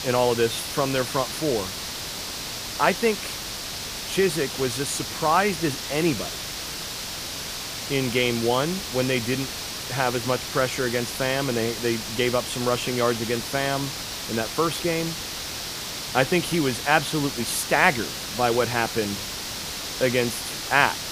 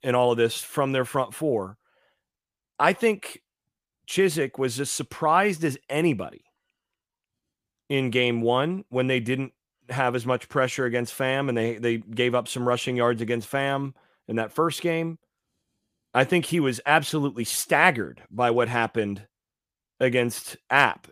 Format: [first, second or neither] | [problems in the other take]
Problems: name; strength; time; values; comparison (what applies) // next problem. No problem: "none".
second | hiss; loud; throughout; 5 dB below the speech